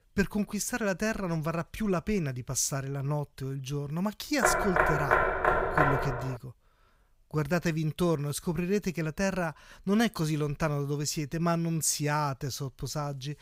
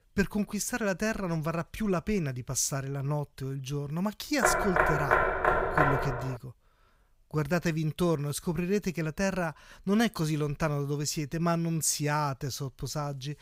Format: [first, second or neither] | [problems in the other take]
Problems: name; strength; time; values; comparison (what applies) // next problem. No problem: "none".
neither | door banging; loud; from 4.5 to 6.5 s; peak 6 dB above the speech; the same in both